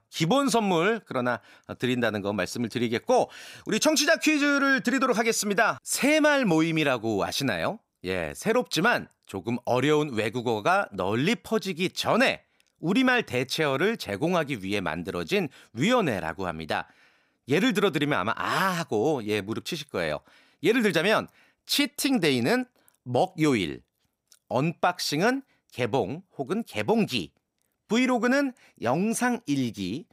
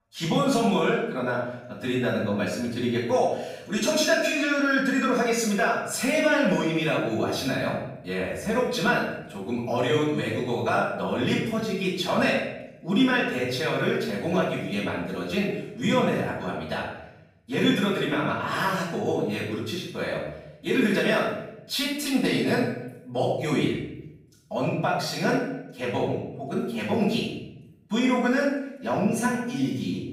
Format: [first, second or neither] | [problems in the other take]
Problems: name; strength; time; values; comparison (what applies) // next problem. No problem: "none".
first | off-mic speech; far // room echo; noticeable; dies away in 0.8 s